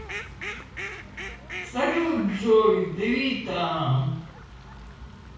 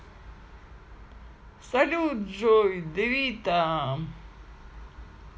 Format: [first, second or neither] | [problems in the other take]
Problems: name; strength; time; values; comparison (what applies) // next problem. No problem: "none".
second | background sound (Fowl); 14 dB below the speech // room echo; dies away in 0.6 s